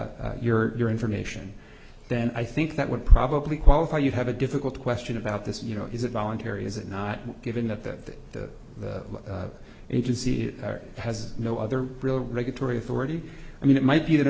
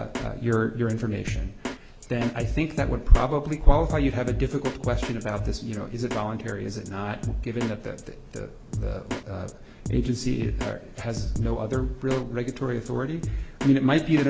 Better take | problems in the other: first | background sound (Drum kit); 8 dB below the speech

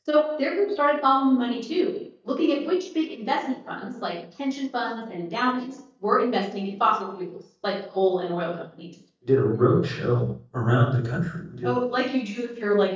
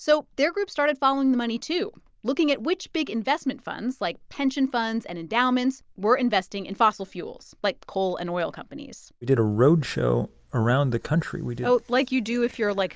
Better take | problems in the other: second | noise reduction (neural mask model DeepFilterNet 3)

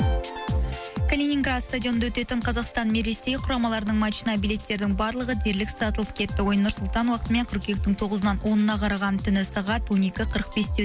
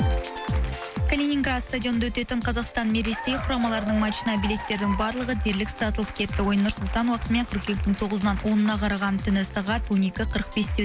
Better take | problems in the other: first | background sound (Applause / Cheering); 15 dB below the speech

